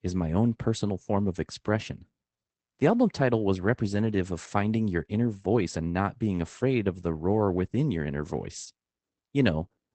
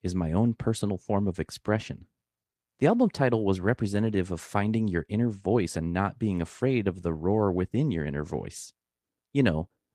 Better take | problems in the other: second | garbled, watery; badly; nothing above 8 kHz; slightly in the second

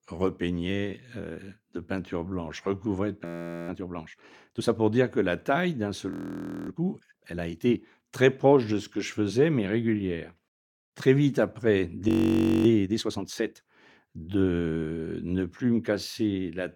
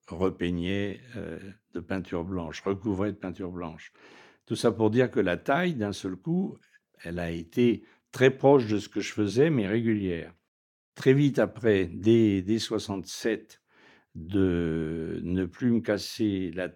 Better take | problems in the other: second | audio freezing; at 3.5 s, at 6 s for 0.5 s and at 12 s for 0.5 s

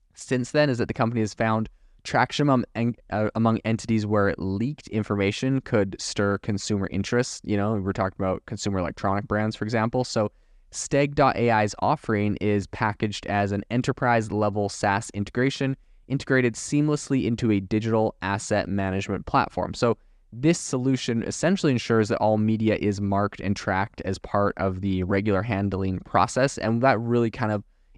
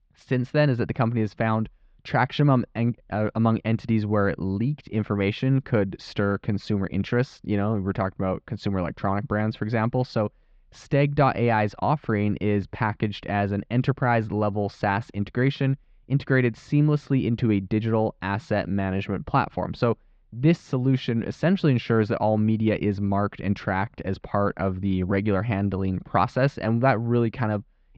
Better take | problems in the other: first | muffled; slightly; fading above 4 kHz

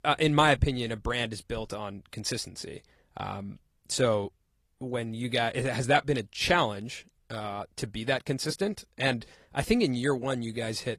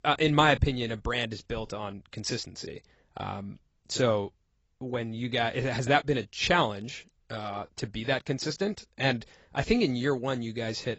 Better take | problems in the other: first | garbled, watery; badly; nothing above 8 kHz; slightly in the first

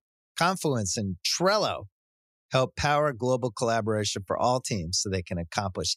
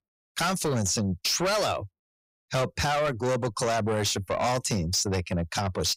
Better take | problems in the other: first | distortion; heavy; 6 dB below the speech

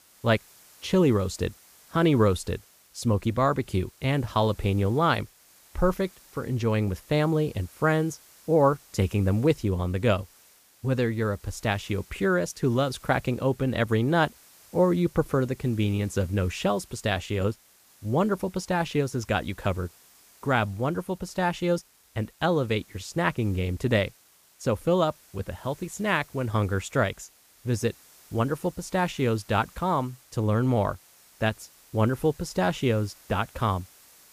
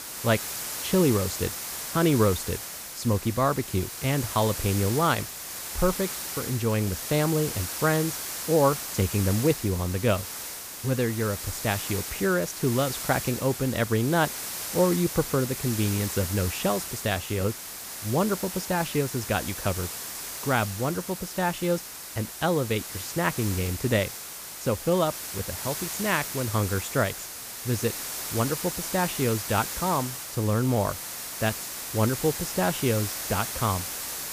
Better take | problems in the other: first | hiss; loud; throughout; 6 dB below the speech; faint in the first

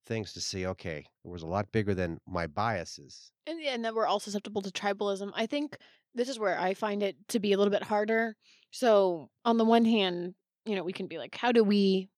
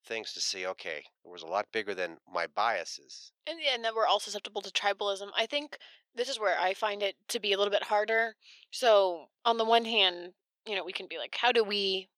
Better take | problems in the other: first | thin; very; fading below 600 Hz

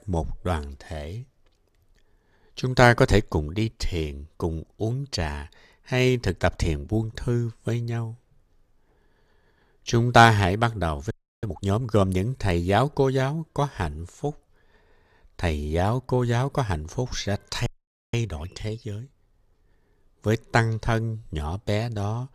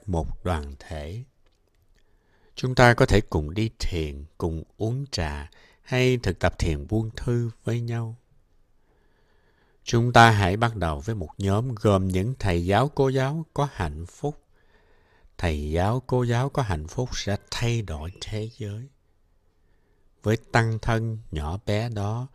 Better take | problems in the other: second | audio freezing; at 11 s and at 18 s

